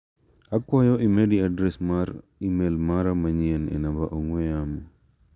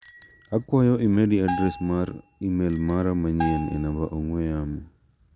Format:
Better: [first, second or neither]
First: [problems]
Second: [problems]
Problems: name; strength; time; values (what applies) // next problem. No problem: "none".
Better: first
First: none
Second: background sound (Bell + Bicycle bell); 13 dB below the speech